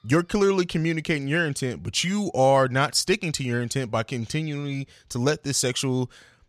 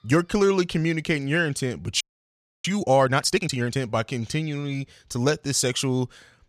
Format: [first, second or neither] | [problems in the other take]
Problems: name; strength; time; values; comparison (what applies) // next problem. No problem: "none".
first | audio freezing; at 2 s for 0.5 s